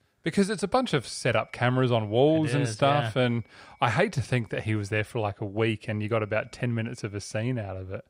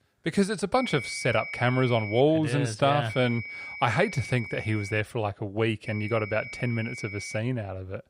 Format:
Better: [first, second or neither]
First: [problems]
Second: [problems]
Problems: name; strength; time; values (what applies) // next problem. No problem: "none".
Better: first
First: high-pitched whine; faint; from 1 to 2 s, from 3 to 5 s and from 6 to 7.5 s; 2.5 kHz, 35 dB below the speech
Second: high-pitched whine; loud; from 1 to 2 s, from 3 to 5 s and from 6 to 7.5 s; 2.5 kHz, 10 dB below the speech